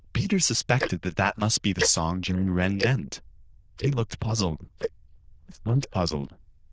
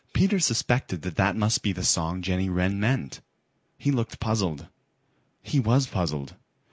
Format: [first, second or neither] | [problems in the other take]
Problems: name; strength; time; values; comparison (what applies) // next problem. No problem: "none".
second | noise reduction (neural diffusion model UNIVERSE++)